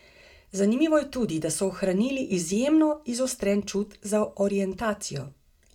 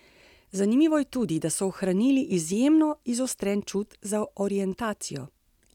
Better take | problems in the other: second | room echo; dies away in 0.2 s

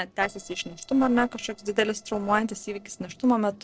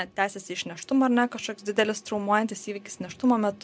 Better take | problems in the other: second | noise reduction (neural separator model SepFormer DNS4)

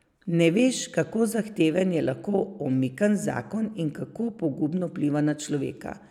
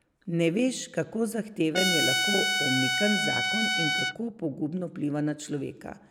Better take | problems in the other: first | background sound (Trumpet); 2 dB above the speech

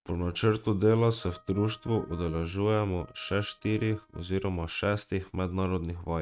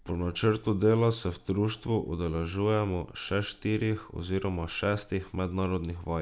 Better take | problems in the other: second | noise reduction (neural mask model RNNoise)

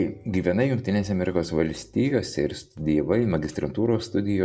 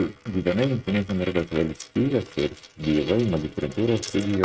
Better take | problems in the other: first | noise reduction (neural mask model RNNoise)

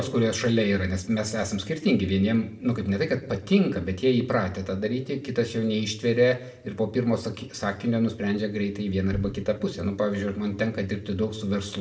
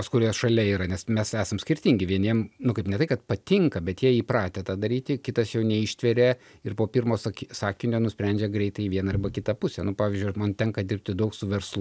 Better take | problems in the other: second | room echo; dies away in 0.6 s

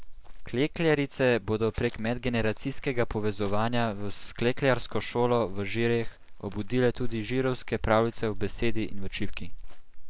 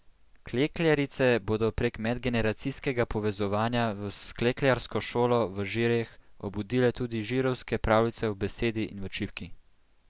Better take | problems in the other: second | background sound (Chirp, tweet); 3 dB below the speech

